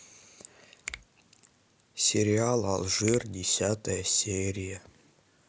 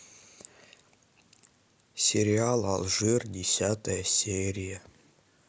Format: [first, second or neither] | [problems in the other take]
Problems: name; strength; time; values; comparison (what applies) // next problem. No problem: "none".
second | background sound (Finger snapping); 18 dB below the speech